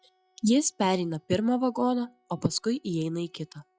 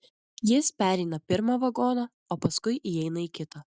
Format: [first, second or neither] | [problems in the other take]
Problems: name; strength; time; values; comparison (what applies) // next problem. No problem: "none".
second | noise reduction (classical method log-MMSE)